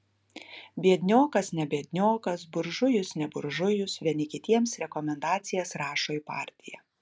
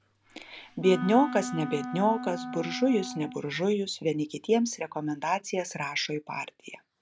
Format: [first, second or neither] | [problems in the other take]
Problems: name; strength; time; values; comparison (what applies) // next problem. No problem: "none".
first | background sound (Wind instrument, woodwind instrument); 9 dB below the speech